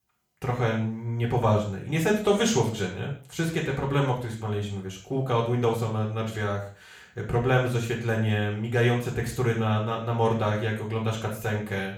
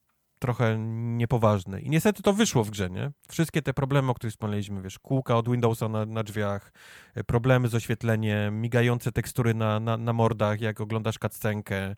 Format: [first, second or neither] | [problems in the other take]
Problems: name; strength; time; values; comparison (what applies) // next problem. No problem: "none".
second | room echo; noticeable; dies away in 0.4 s // off-mic speech; far